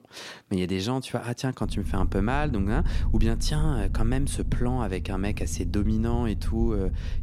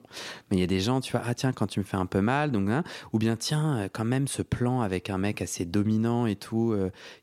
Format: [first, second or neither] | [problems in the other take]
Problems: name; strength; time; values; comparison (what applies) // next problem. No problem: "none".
second | low rumble; noticeable; from 1.5 s on; 15 dB below the speech